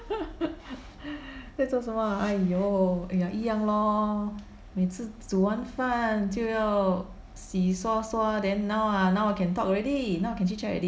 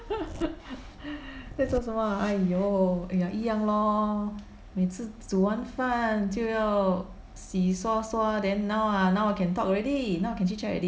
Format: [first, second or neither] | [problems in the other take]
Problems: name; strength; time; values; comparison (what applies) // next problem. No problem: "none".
first | background sound (Zipper (clothing)); 14 dB below the speech